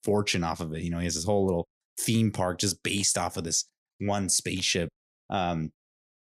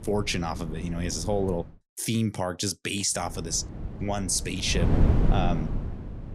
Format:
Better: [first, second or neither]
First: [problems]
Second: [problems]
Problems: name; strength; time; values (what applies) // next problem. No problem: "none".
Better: first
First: none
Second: wind noise on the microphone; heavy; until 1.5 s and from 3 s on; 9 dB below the speech